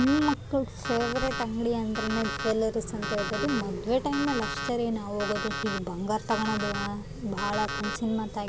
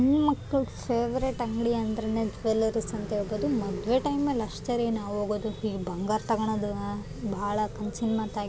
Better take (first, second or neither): second